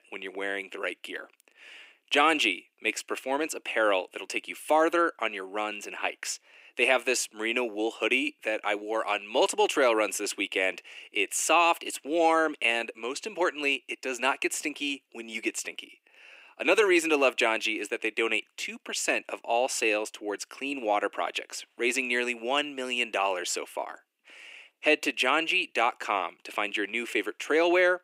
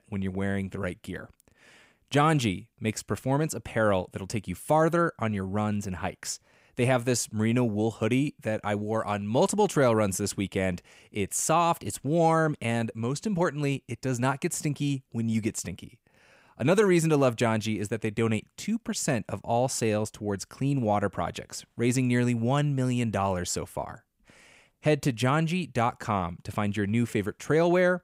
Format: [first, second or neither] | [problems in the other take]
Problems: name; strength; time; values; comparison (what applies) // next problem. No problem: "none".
second | thin; very; fading below 300 Hz